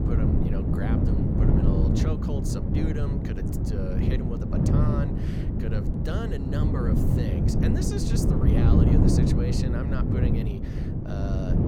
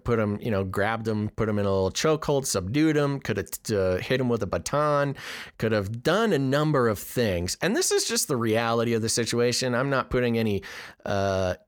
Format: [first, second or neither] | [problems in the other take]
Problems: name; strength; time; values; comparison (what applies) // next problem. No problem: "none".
second | wind noise on the microphone; heavy; 4 dB above the speech